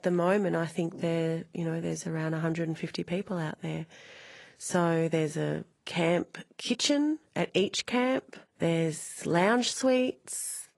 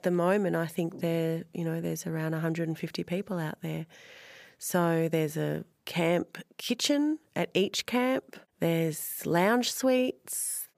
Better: second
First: garbled, watery; slightly; nothing above 11.5 kHz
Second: none

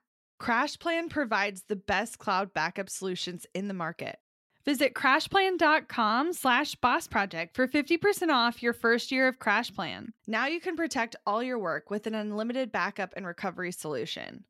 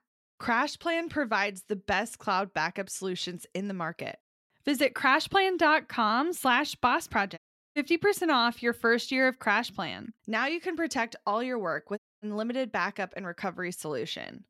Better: first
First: none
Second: audio cutting out; at 7.5 s and at 12 s

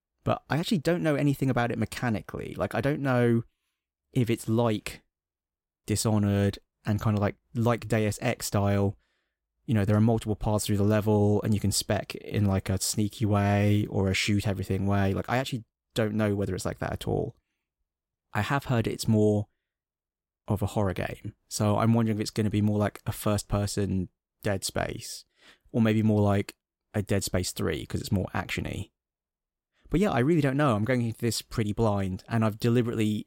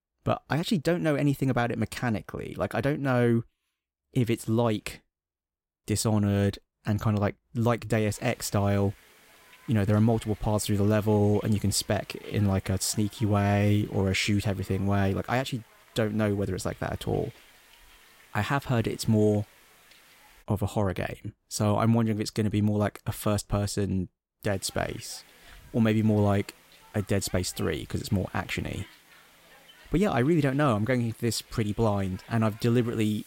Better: first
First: none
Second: hiss; faint; from 8 to 20 s and from 25 s on; 25 dB below the speech

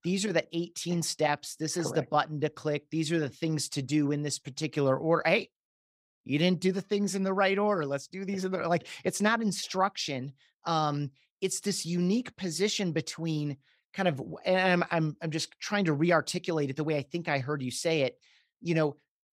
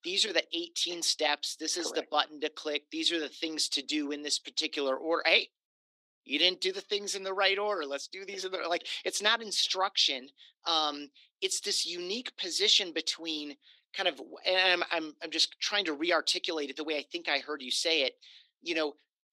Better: first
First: none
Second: thin; somewhat; fading below 300 Hz

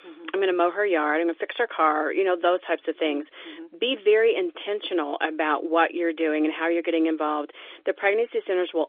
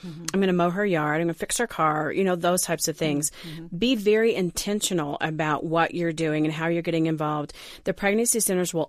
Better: second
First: phone-call audio; nothing above 3.5 kHz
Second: none

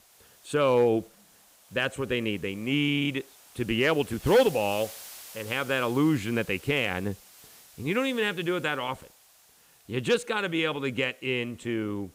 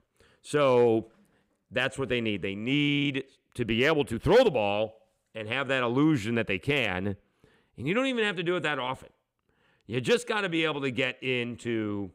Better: second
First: hiss; faint; throughout; 20 dB below the speech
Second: none

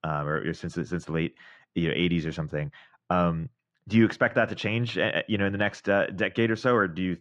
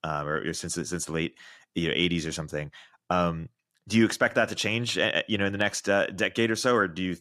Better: second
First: muffled; slightly; fading above 2.5 kHz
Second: none

